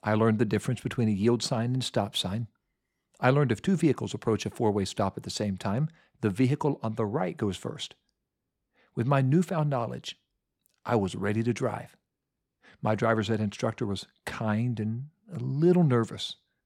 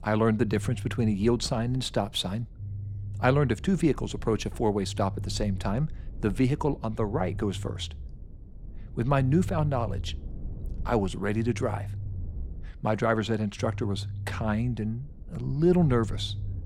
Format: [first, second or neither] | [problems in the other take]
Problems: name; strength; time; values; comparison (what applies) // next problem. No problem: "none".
first | low rumble; faint; throughout; 20 dB below the speech